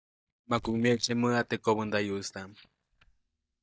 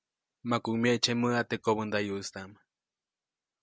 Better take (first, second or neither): second